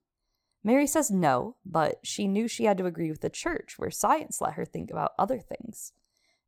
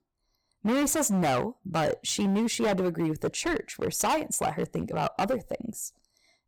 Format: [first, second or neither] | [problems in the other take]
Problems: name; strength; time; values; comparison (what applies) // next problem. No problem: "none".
first | distortion; heavy; 14% of the sound clipped